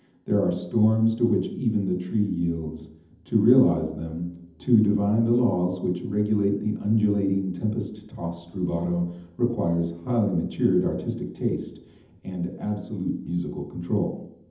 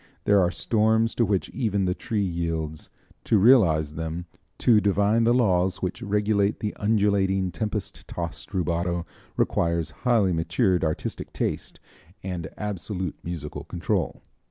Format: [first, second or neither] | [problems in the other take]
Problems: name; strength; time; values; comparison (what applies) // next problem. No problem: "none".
second | room echo; dies away in 0.8 s